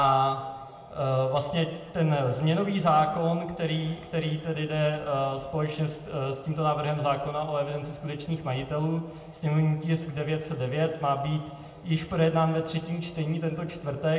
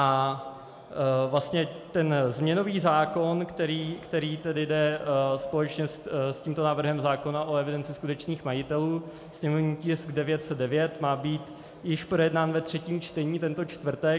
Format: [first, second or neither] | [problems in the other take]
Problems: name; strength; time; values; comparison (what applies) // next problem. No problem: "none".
second | room echo; dies away in 0.8 s